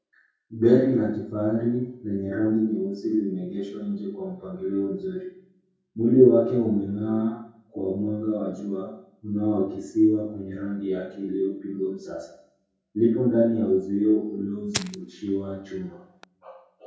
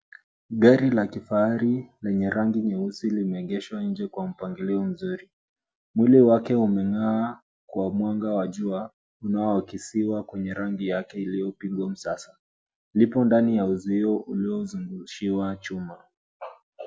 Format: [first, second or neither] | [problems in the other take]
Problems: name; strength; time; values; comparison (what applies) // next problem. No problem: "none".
second | background sound (Fire); 13 dB below the speech // room echo; dies away in 0.6 s